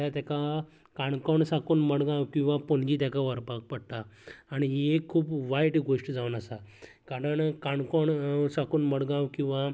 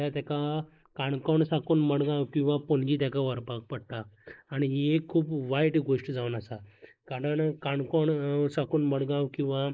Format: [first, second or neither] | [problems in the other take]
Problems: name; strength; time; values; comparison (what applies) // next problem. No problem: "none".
first | noise reduction (neural mask model Resemble Enhance denoiser)